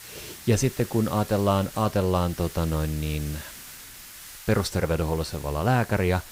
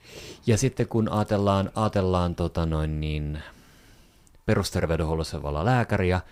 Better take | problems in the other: second | hiss; noticeable; throughout; 15 dB below the speech

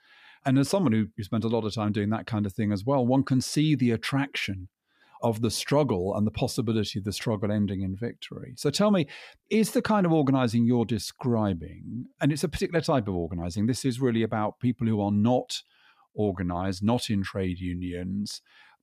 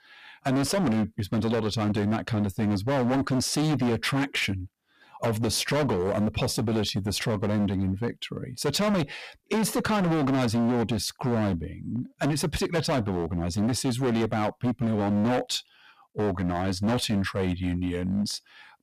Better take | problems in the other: first | distortion; heavy; 21% of the sound clipped

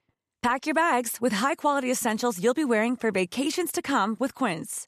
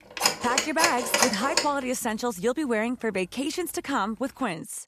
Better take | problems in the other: first | phone ringing; loud; until 1.5 s; peak 5 dB above the speech

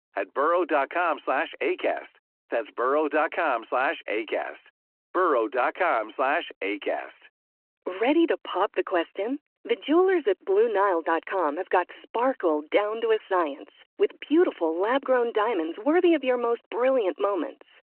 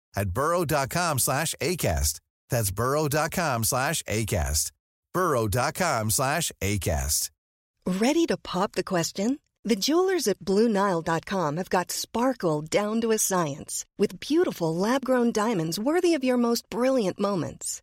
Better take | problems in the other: second | phone-call audio

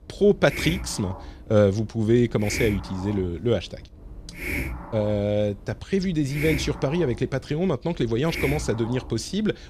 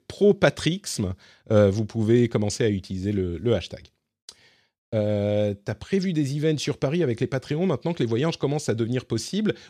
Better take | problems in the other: second | hiss; loud; throughout; 9 dB below the speech

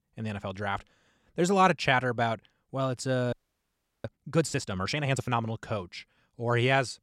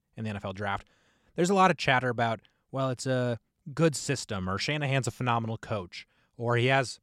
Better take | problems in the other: second | audio freezing; at 3.5 s for 0.5 s

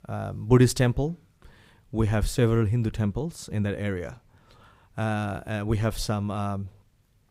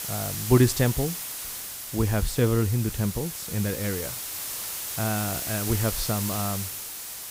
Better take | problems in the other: first | hiss; loud; throughout; 4 dB below the speech

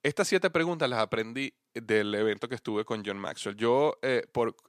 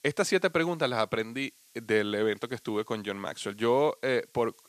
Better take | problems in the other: first | hiss; faint; throughout; 30 dB below the speech

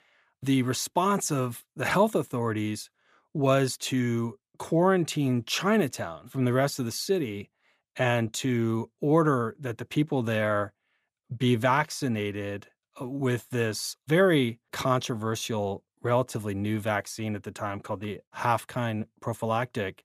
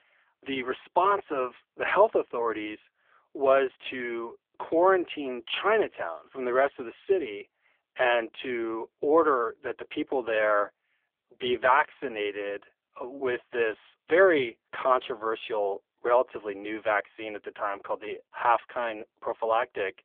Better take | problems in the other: first | phone-call audio; poor line; nothing above 3.5 kHz

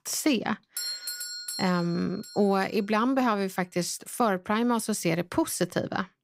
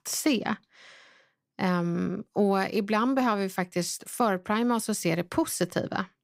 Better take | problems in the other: second | doorbell; noticeable; from 1 to 2.5 s; peak 4 dB below the speech

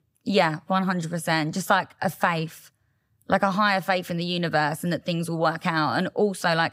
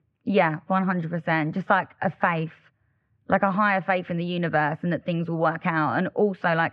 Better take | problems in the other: first | muffled; very; fading above 2.5 kHz

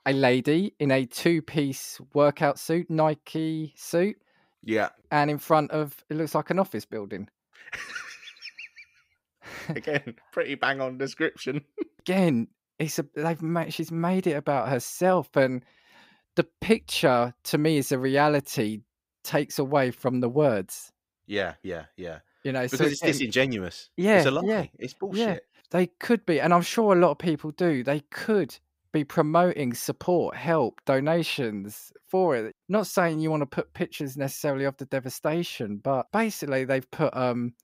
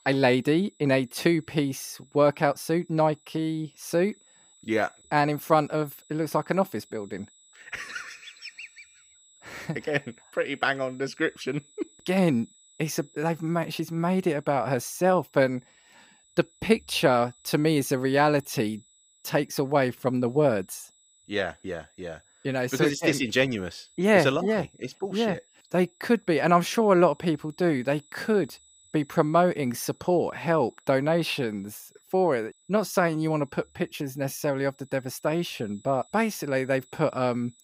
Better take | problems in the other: first | high-pitched whine; faint; throughout; 8 kHz, 30 dB below the speech

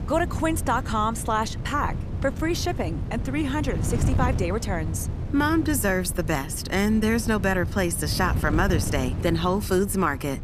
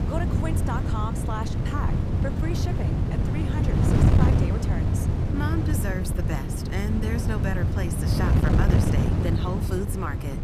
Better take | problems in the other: first | wind noise on the microphone; heavy; 1 dB above the speech; occasional gusts in the first

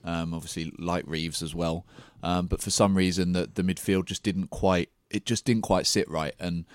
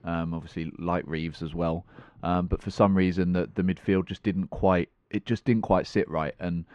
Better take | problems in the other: first | muffled; very; fading above 2 kHz

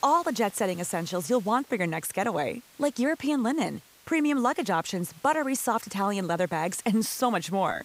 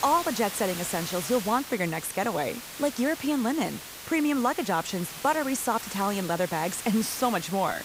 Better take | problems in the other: first | hiss; loud; throughout; 9 dB below the speech; faint in the first

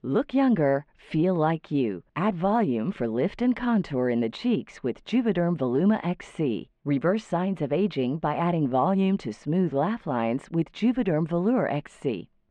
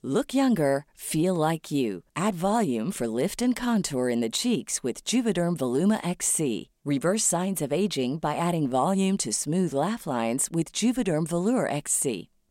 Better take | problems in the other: second | muffled; very; fading above 2.5 kHz

